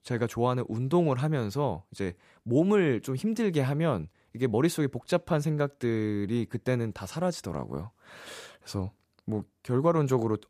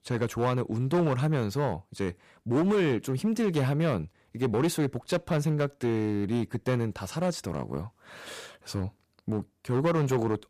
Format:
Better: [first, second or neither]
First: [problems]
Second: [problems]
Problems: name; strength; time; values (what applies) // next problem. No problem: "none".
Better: first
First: none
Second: distortion; slight; 7% of the sound clipped